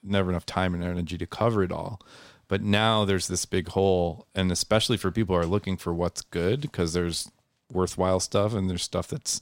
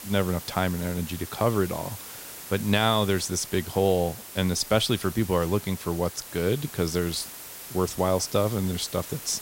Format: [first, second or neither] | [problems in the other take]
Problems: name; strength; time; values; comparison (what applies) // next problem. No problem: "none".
first | hiss; noticeable; throughout; 10 dB below the speech